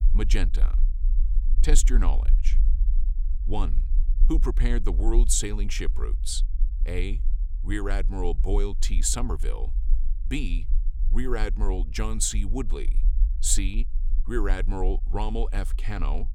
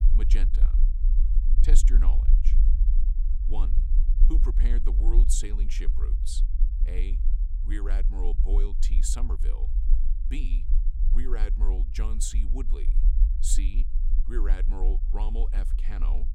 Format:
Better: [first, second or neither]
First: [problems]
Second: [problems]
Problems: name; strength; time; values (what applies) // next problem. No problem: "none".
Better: first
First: low rumble; faint; throughout; 20 dB below the speech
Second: low rumble; loud; throughout; 10 dB below the speech